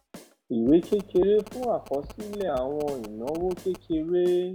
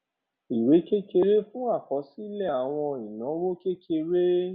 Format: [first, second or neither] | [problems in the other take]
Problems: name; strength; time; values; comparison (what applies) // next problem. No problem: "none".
second | background sound (Drum kit + Telephone); 19 dB below the speech